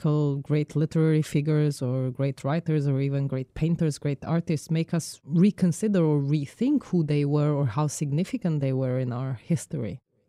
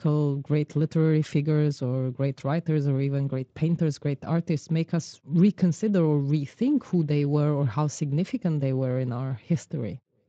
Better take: first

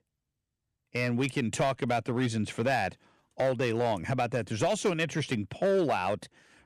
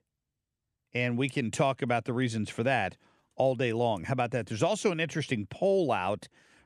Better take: second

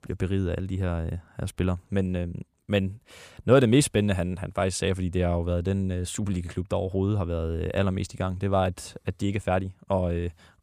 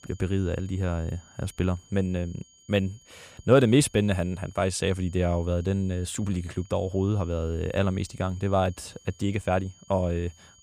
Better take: first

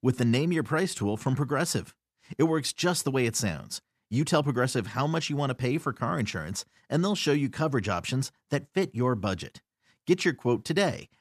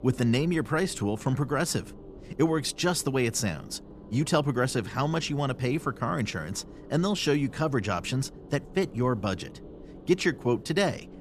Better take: first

